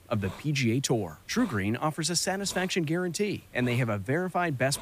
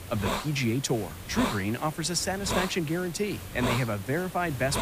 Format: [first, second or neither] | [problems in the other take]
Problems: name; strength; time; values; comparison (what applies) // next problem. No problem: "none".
first | hiss; loud; throughout; 6 dB below the speech; faint in the first